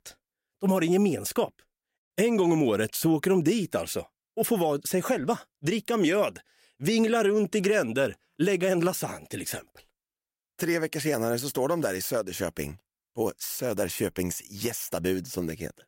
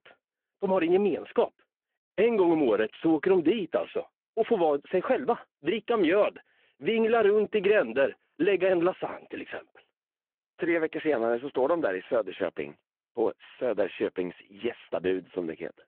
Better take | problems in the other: first | phone-call audio

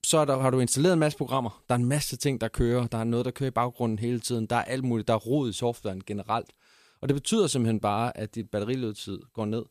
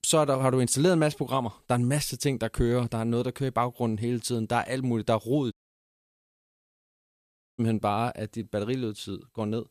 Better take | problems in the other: first | audio cutting out; at 5.5 s for 2 s

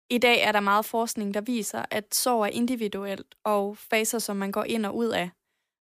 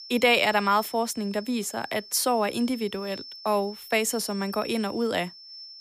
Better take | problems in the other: first | high-pitched whine; noticeable; throughout; 5.5 kHz, 15 dB below the speech

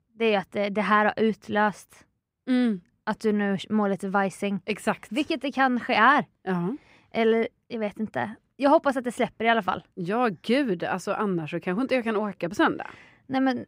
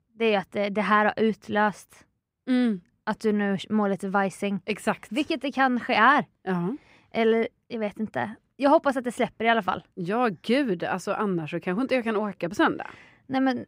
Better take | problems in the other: neither | muffled; slightly; fading above 3 kHz; the same in both

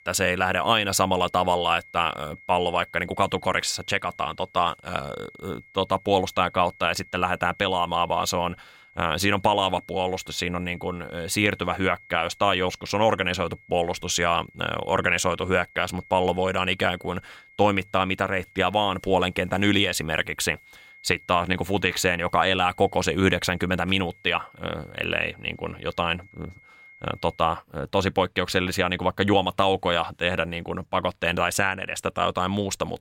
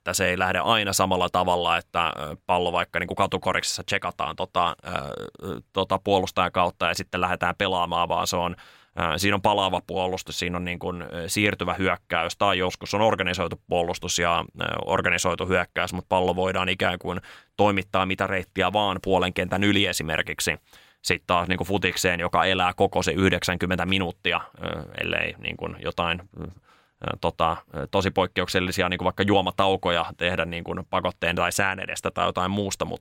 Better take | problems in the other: second | high-pitched whine; faint; until 27 s; 2 kHz, 25 dB below the speech

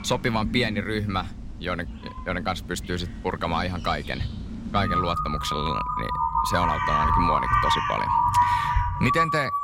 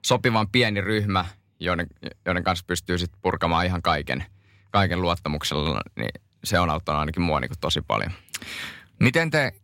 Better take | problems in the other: second | animal sounds; very loud; throughout; 3 dB above the speech

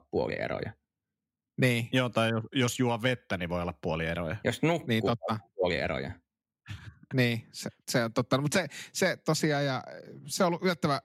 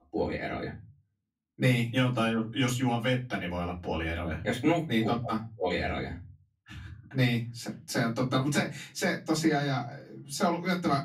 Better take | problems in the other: first | off-mic speech; far // room echo; very slight; dies away in 0.3 s

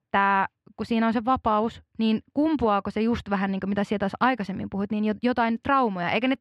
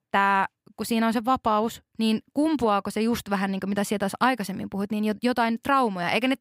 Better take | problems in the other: second | muffled; slightly; fading above 3 kHz

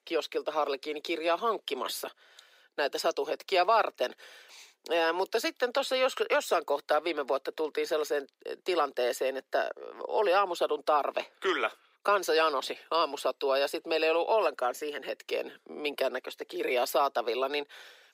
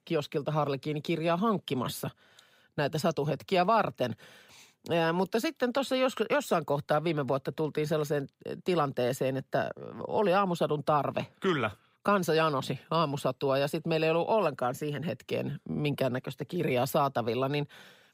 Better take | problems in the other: second | thin; very; fading below 350 Hz

